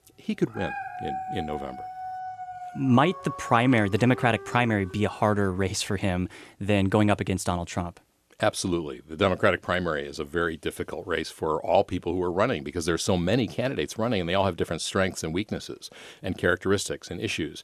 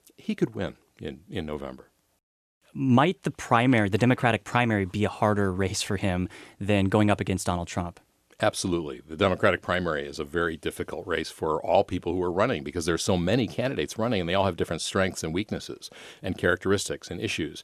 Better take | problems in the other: second | dog barking; noticeable; from 0.5 to 5 s; peak 7 dB below the speech

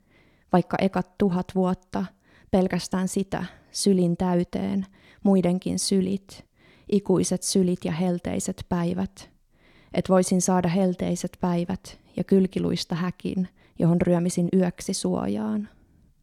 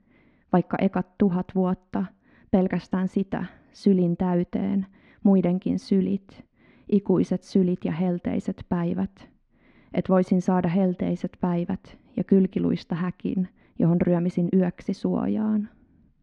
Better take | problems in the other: first | muffled; slightly; fading above 2 kHz

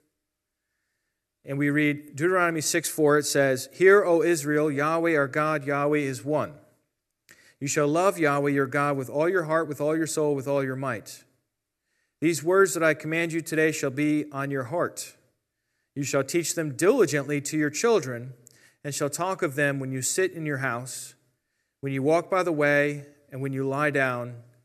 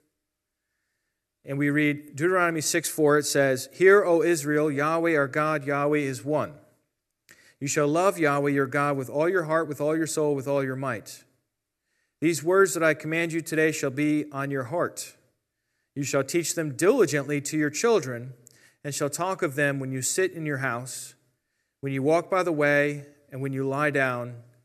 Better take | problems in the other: neither | none

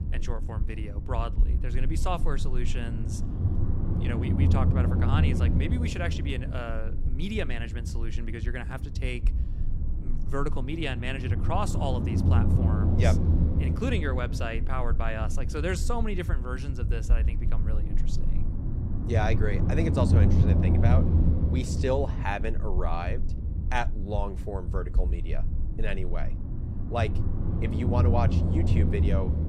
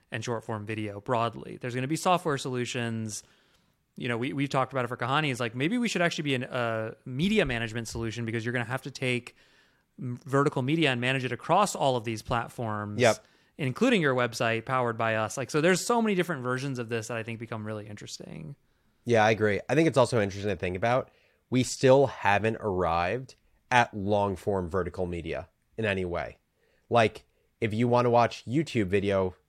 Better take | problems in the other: second | low rumble; loud; throughout; 5 dB below the speech

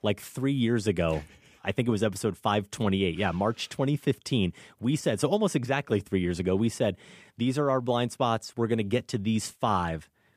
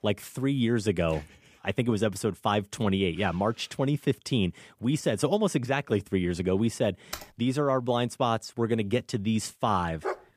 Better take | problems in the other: first | keyboard typing; faint; at 7 s; peak 10 dB below the speech // dog barking; noticeable; at 10 s; peak 7 dB below the speech

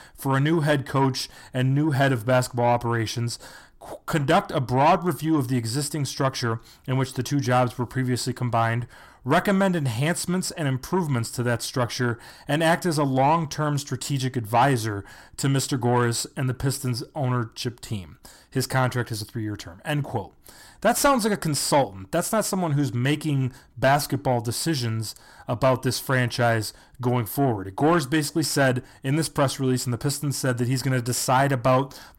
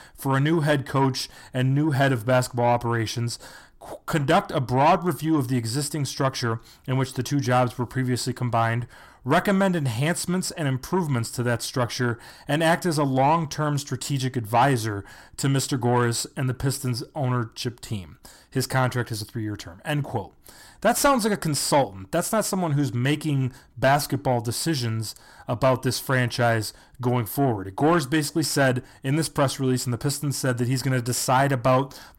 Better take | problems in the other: neither | distortion; slight; 10 dB below the speech; the same in both

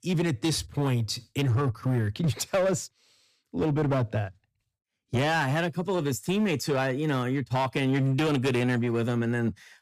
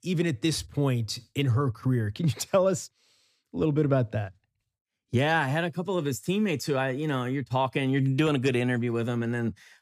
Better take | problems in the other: second | distortion; slight; 10% of the sound clipped

